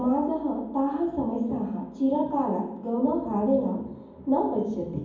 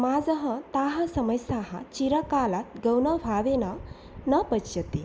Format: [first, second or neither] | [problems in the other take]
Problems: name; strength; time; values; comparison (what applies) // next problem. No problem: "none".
second | room echo; dies away in 1.2 s